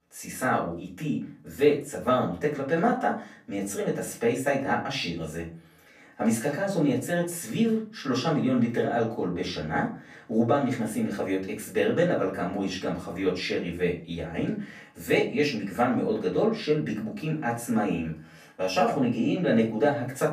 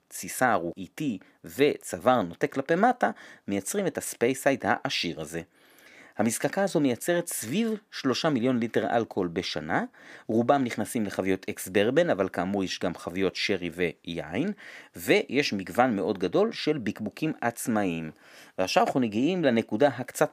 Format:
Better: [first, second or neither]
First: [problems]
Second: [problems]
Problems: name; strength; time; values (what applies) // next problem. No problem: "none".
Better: second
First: off-mic speech; far // room echo; slight; dies away in 0.4 s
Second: none